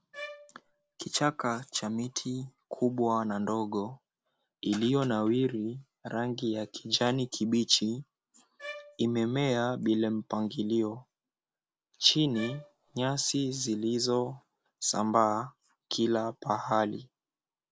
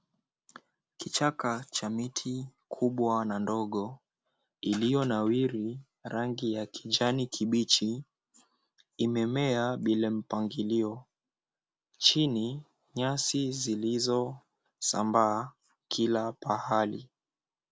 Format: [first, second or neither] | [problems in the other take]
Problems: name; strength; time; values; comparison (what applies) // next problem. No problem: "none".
second | background sound (Bowed string instrument); 17 dB below the speech